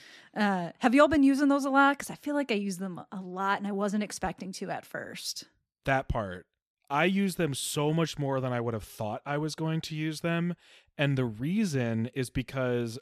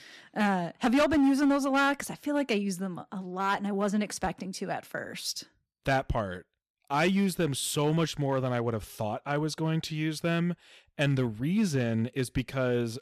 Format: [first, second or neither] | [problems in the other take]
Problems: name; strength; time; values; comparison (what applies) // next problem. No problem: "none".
first | distortion; slight; 4% of the sound clipped